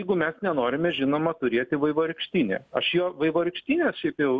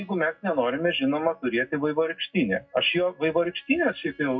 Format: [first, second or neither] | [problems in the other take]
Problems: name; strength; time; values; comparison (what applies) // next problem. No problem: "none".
first | noise reduction (classical method WPE with log-MMSE)